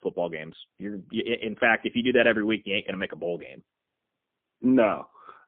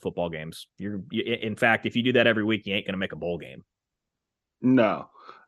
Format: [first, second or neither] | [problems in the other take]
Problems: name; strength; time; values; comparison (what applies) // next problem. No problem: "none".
second | phone-call audio; poor line; nothing above 3.5 kHz